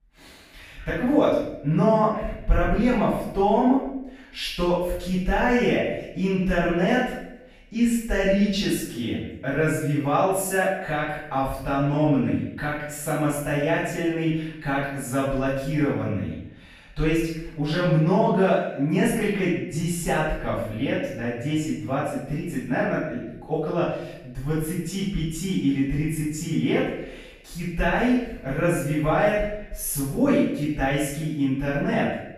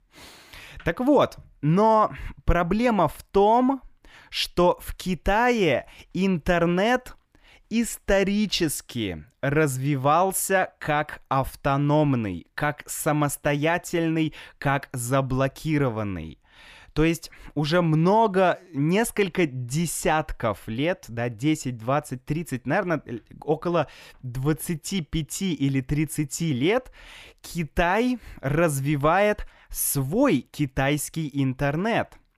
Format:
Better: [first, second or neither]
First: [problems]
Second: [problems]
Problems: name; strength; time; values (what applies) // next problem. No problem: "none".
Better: second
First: room echo; strong; dies away in 0.7 s // off-mic speech; far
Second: none